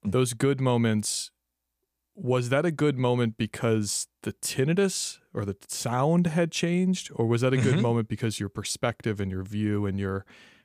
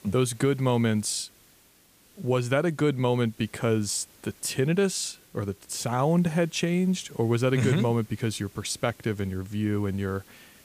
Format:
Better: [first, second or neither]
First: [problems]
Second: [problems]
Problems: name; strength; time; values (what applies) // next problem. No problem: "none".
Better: first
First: none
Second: hiss; faint; throughout; 25 dB below the speech